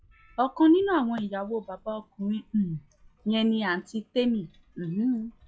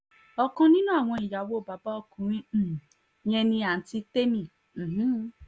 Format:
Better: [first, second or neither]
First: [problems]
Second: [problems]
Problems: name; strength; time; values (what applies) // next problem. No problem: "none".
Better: second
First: noise reduction (classical method log-MMSE)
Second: none